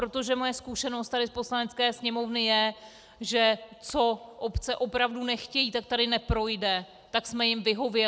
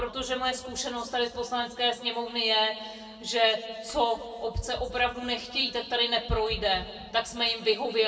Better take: first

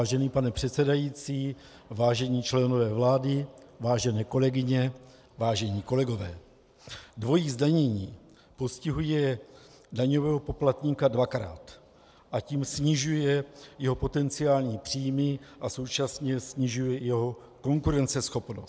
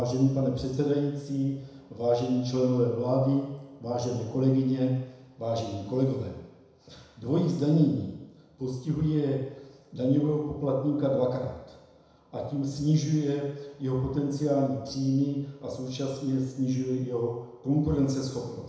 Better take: first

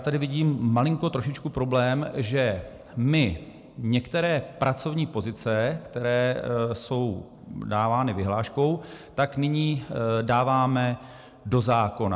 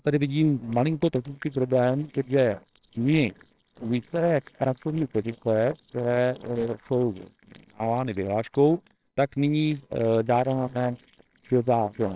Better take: first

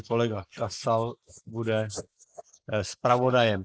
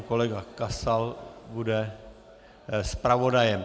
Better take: second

